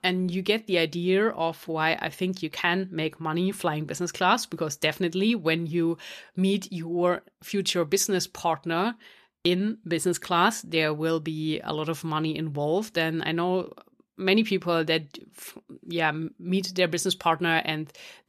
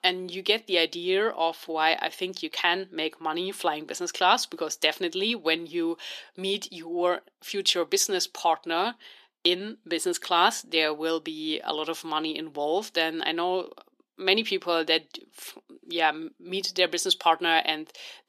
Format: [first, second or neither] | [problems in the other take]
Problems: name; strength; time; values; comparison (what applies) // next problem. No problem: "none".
first | thin; somewhat; fading below 300 Hz